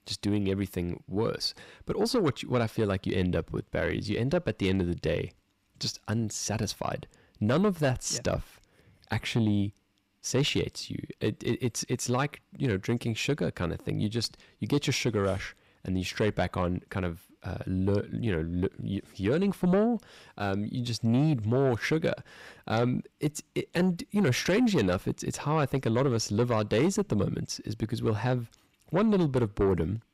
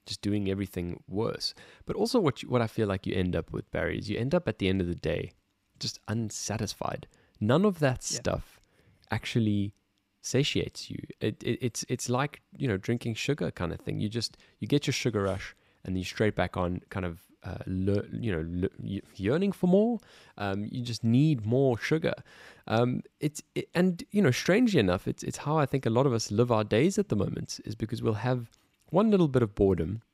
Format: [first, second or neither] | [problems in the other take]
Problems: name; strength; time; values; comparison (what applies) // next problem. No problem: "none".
second | distortion; slight; 10 dB below the speech